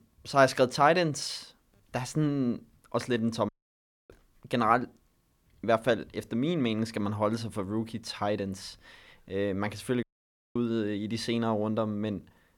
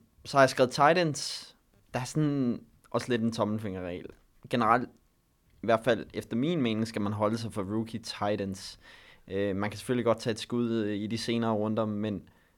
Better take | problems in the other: second | audio cutting out; at 3.5 s for 0.5 s and at 10 s for 0.5 s

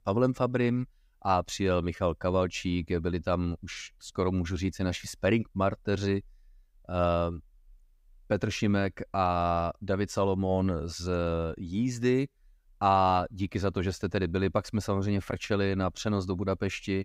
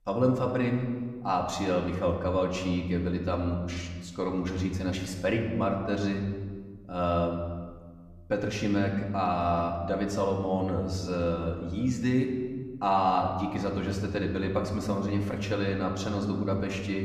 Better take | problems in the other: first | room echo; slight; dies away in 1.4 s // off-mic speech; somewhat distant

